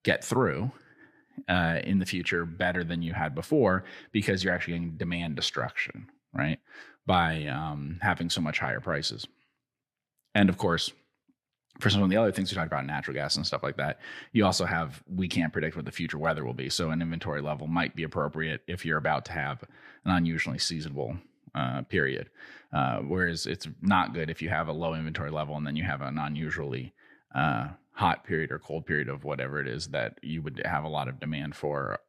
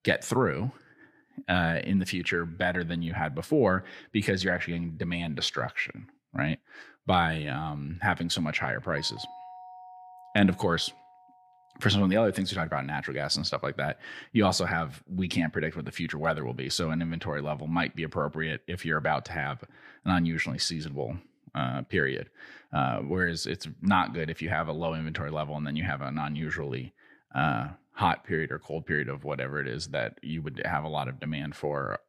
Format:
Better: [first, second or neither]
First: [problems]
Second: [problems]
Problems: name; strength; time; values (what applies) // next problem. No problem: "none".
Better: first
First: none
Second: doorbell; faint; from 9 to 12 s; peak 15 dB below the speech